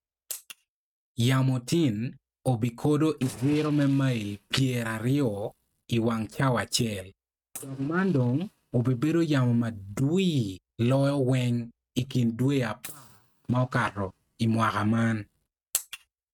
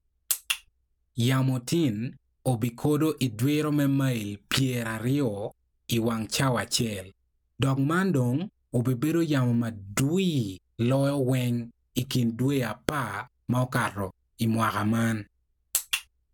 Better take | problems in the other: second | noise reduction (neural mask model RNNoise)

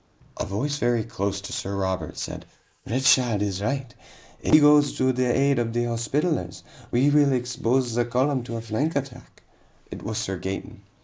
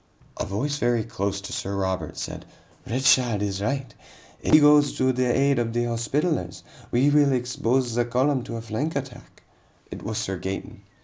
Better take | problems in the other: second | noise reduction (neural mask model Resemble Enhance denoiser)

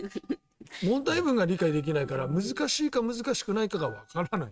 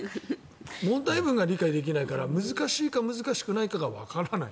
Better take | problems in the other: second | noise reduction (neural mask model RNNoise)

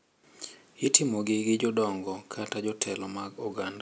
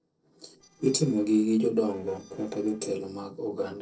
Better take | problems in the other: first | noise reduction (neural separator model SepFormer DNS4)

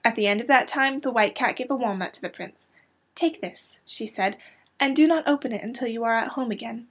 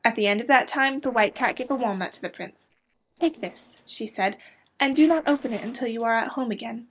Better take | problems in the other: first | noise reduction (neural separator model SepFormer DNS4)

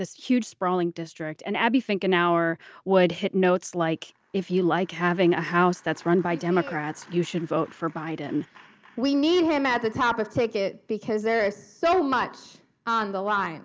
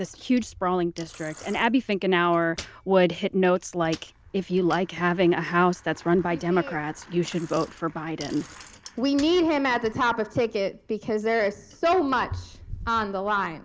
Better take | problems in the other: first | background sound (Bicycle); 20 dB below the speech

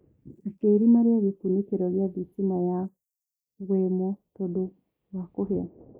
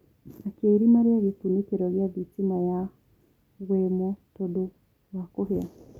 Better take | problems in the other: second | noise reduction (neural mask model Resemble Enhance denoiser)

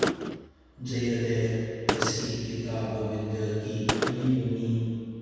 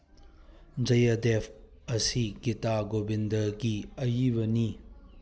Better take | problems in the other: second | background sound (Gunshot, gunfire); 5 dB below the speech // room echo; dies away in 2.1 s

